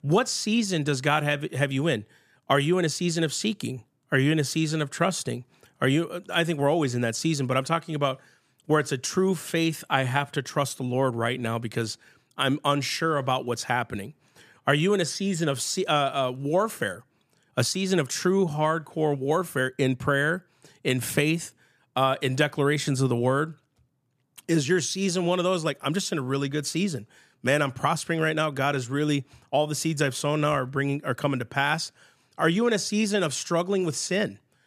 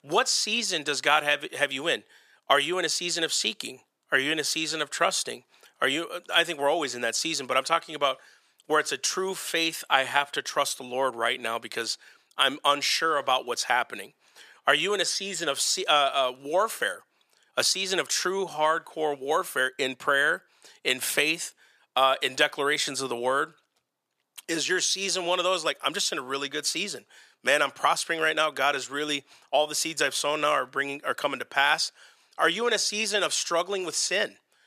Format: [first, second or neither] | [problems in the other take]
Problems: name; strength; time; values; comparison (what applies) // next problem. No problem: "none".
first | thin; very; fading below 550 Hz